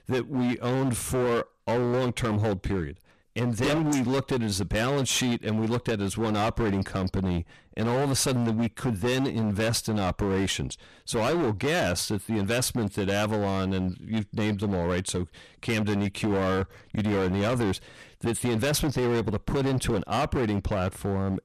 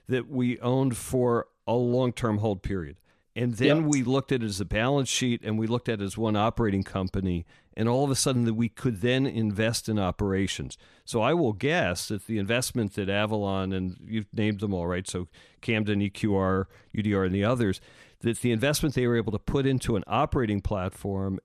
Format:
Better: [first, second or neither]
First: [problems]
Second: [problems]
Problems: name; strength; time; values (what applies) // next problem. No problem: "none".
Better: second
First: distortion; heavy; 23% of the sound clipped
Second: none